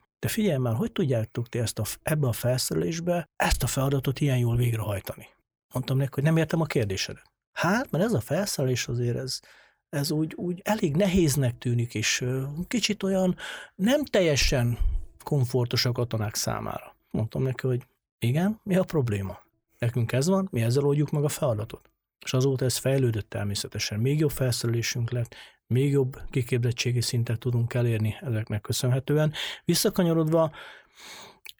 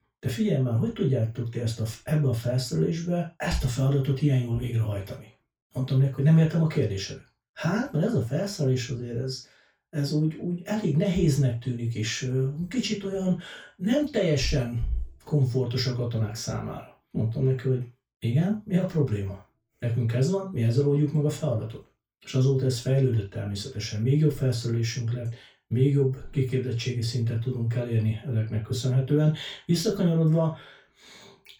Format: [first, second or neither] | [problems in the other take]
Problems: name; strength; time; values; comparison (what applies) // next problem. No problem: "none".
first | room echo; noticeable; dies away in 0.2 s // off-mic speech; far